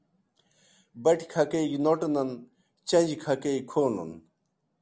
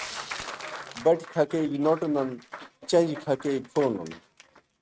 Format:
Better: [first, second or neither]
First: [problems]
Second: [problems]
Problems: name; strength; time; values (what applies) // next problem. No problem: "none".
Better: first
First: none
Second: noise reduction (neural mask model RNNoise)